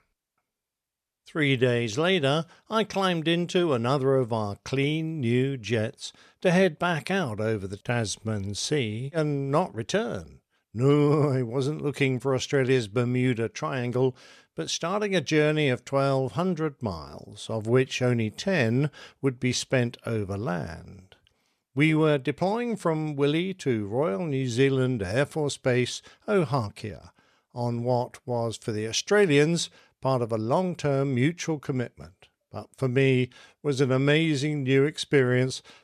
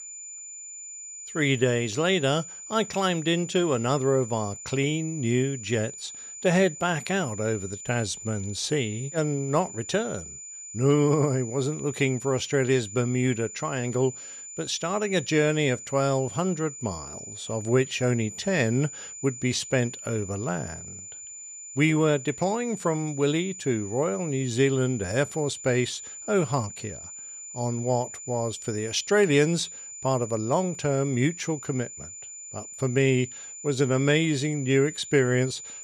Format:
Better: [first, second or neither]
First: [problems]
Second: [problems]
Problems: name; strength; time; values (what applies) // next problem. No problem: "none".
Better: first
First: none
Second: high-pitched whine; noticeable; throughout; 7 kHz, 10 dB below the speech